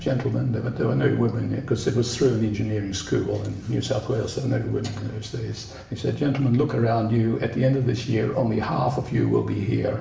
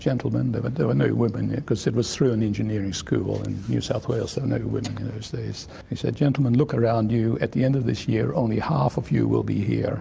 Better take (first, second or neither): second